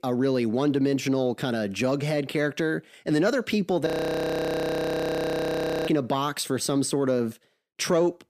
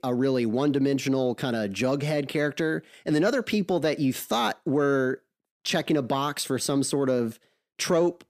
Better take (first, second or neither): second